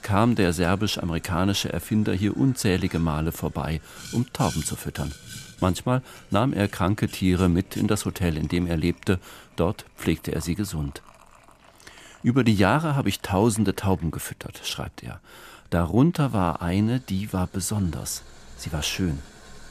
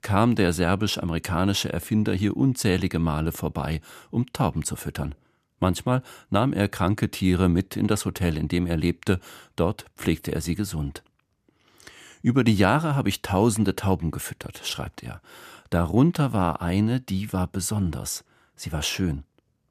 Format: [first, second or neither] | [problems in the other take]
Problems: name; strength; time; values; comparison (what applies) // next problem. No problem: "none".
second | household noises; faint; throughout; 20 dB below the speech